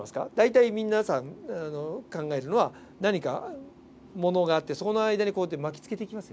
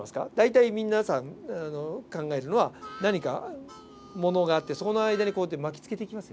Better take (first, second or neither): first